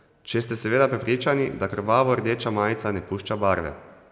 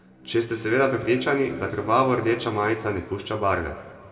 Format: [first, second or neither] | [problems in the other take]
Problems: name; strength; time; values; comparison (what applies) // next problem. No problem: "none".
first | background sound (Bowed string instrument); 18 dB below the speech // room echo; dies away in 1.7 s